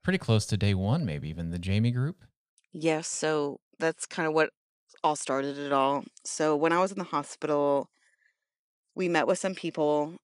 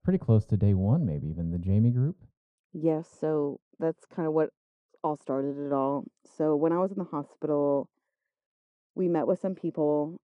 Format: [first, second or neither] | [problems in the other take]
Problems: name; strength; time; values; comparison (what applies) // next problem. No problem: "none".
first | muffled; very; fading above 1 kHz